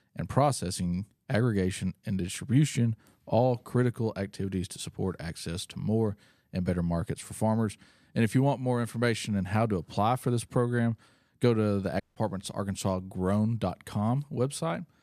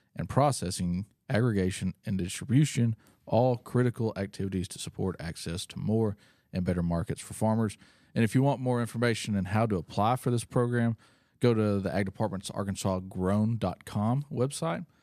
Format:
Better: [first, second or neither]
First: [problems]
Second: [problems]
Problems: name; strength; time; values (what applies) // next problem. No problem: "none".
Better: second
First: audio cutting out; at 12 s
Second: none